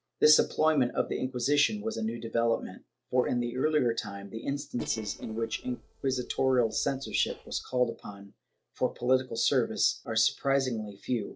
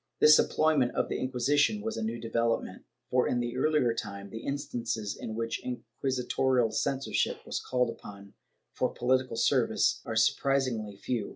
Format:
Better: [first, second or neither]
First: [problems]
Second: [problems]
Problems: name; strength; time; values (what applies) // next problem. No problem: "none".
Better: second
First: noise reduction (neural separator model SepFormer DNS4)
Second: none